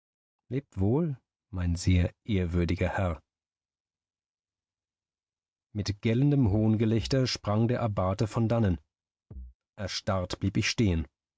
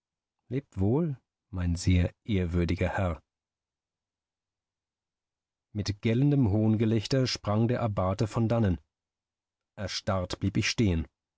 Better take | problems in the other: second | noise reduction (neural mask model RNNoise)

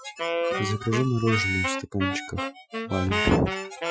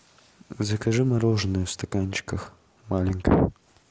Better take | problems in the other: second | noise reduction (classical method Wiener filter)

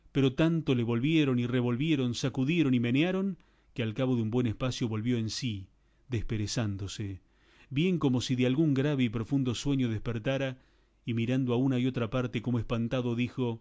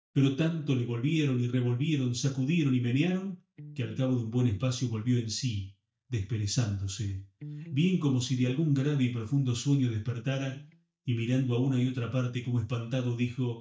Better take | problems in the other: first | noise reduction (neural mask model DeepFilterNet 3)

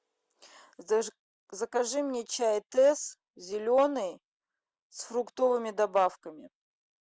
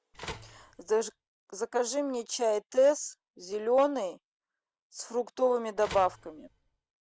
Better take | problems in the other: first | background sound (Telephone); 16 dB below the speech

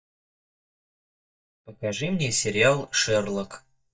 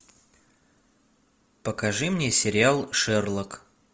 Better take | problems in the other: second | noise reduction (neural mask model DeepFilterNet 3)

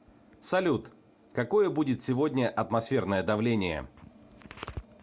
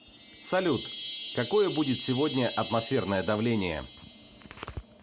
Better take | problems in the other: first | background sound (Chime); 12 dB below the speech

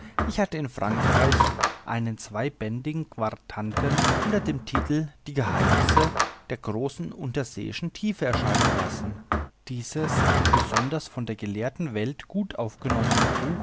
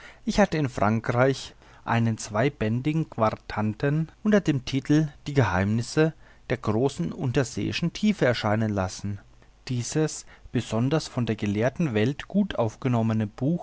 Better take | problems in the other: second | background sound (Drawer open or close / Wood); 2 dB above the speech

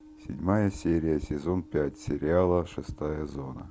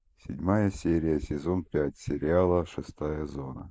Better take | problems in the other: first | noise reduction (neural mask model Resemble Enhance denoiser)

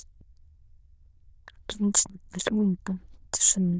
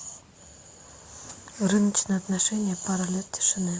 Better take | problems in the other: second | noise reduction (neural diffusion model UNIVERSE++)

